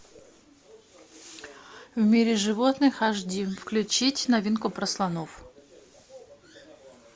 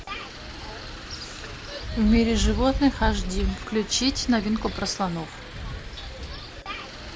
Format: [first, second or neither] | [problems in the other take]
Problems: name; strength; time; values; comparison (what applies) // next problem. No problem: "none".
first | background sound (Wind); 4 dB below the speech